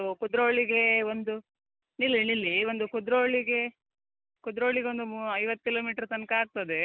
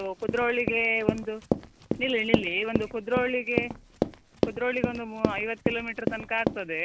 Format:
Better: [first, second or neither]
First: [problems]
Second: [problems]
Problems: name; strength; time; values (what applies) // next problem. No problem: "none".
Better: first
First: none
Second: background sound (Run); 1 dB below the speech